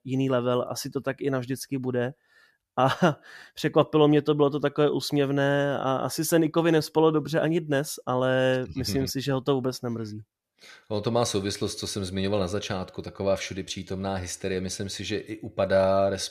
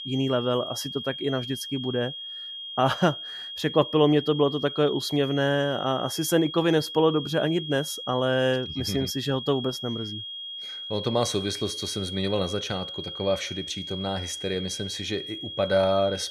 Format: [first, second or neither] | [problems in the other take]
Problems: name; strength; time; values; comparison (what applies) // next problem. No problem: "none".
first | high-pitched whine; loud; throughout; 3.5 kHz, 8 dB below the speech